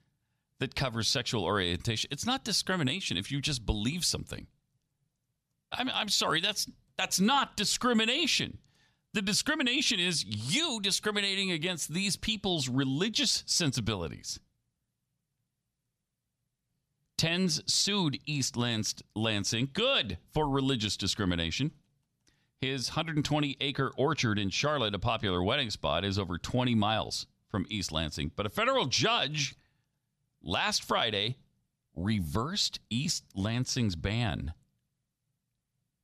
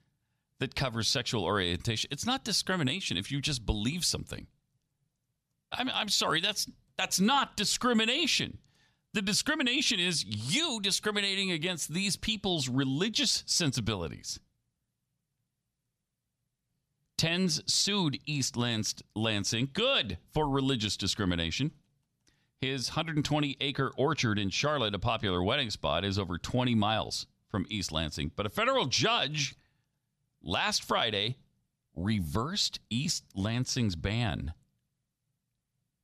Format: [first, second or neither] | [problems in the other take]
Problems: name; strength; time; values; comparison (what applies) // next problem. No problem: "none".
neither | none